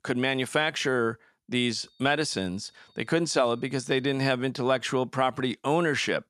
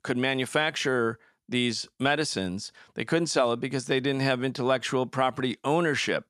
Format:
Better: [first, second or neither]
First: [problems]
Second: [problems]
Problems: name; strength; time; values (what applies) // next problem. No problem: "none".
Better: second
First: high-pitched whine; faint; from 1.5 to 4 s; 3.5 kHz, 35 dB below the speech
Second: none